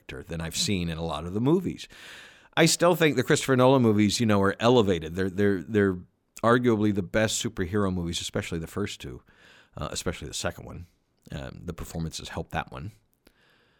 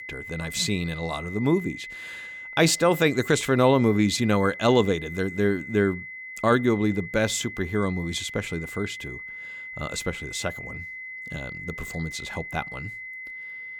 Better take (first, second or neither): first